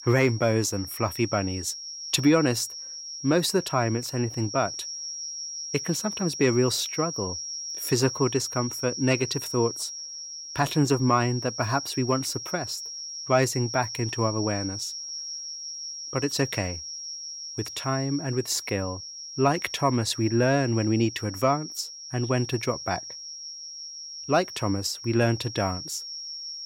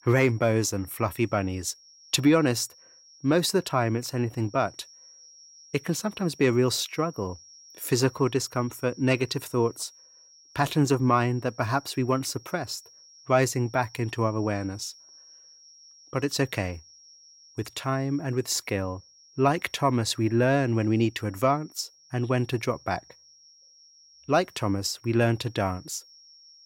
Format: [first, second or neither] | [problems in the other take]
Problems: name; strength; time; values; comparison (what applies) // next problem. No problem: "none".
second | high-pitched whine; loud; throughout; 5.5 kHz, 8 dB below the speech; faint in the second